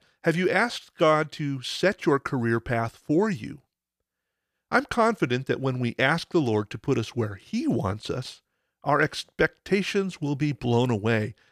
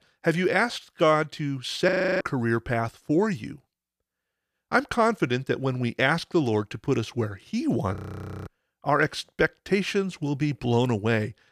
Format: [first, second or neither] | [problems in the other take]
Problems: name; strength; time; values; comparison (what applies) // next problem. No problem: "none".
first | audio freezing; at 2 s and at 8 s for 0.5 s